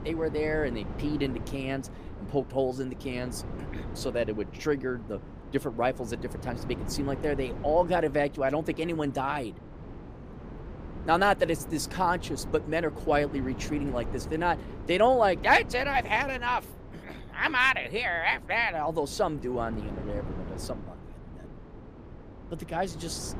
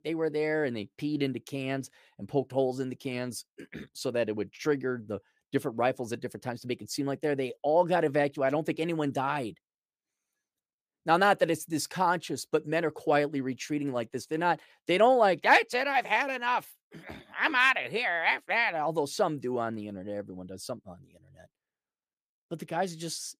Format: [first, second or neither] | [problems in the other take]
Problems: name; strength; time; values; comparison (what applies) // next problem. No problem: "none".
second | wind noise on the microphone; occasional gusts; 20 dB below the speech